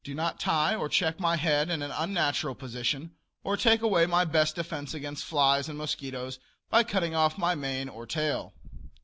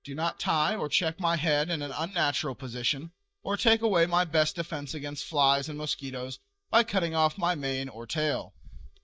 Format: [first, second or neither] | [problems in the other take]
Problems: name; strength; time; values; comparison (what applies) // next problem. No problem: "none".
first | noise reduction (neural mask model DeepFilterNet 3)